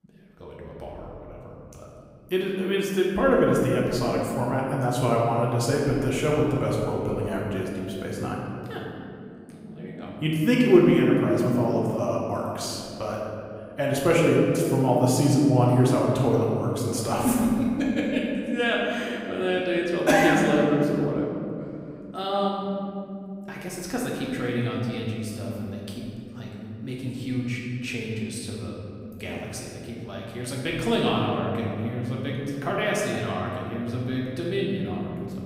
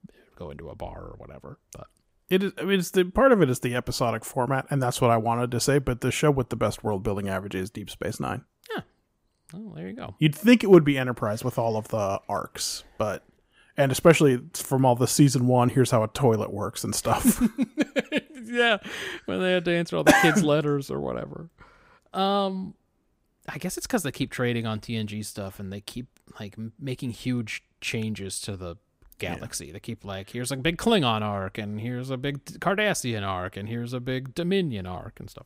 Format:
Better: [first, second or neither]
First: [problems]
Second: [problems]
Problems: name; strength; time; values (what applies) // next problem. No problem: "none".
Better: second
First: room echo; noticeable; dies away in 2.6 s // off-mic speech; far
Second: none